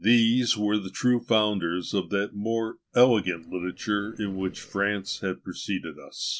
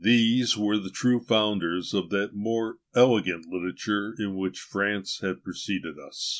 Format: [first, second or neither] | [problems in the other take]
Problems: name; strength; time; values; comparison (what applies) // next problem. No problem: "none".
second | noise reduction (neural separator model SepFormer DNS4)